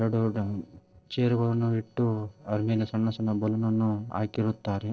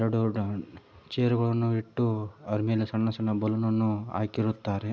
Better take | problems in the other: second | noise reduction (neural separator model SepFormer DNS4)

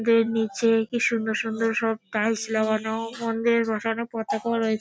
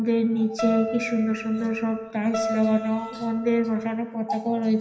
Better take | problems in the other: first | background sound (Keyboard (musical)); 8 dB below the speech // room echo; dies away in 0.9 s

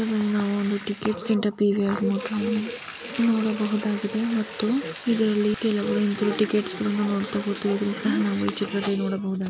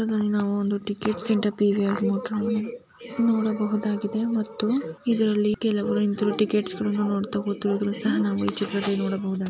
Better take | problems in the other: second | background sound (Bathtub (filling or washing)); 16 dB below the speech

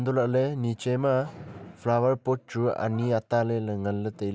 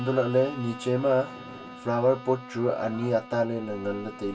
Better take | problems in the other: first | background sound (Bowed string instrument); 16 dB below the speech // room echo; dies away in 0.2 s

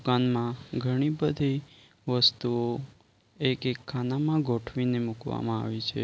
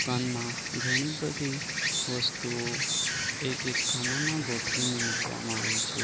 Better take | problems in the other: first | background sound (Insect); 3 dB above the speech

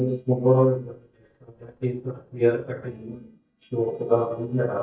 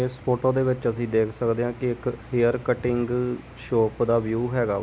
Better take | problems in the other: second | noise reduction (neural mask model DeepFilterNet 3)

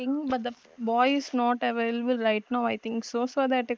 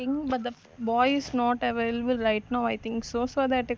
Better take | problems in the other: second | noise reduction (neural mask model Resemble Enhance denoiser)

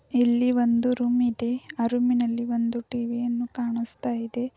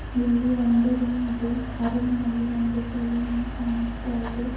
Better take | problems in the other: first | background sound (Mechanical fan); 9 dB below the speech // room echo; dies away in 1 s

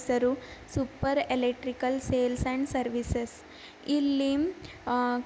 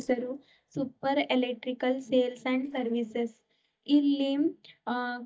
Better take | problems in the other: first | noise reduction (neural mask model DeepFilterNet 3)

